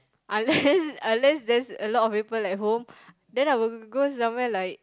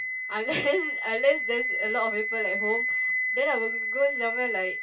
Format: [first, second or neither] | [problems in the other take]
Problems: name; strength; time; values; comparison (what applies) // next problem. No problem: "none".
first | background sound (Wind instrument, woodwind instrument); as loud as the speech // room echo; dies away in 0.1 s